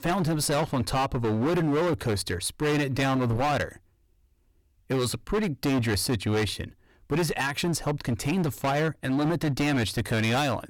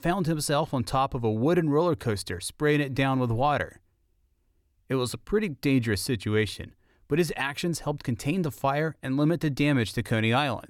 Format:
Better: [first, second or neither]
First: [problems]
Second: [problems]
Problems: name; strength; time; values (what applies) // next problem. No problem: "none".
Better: second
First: distortion; heavy; 21% of the sound clipped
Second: none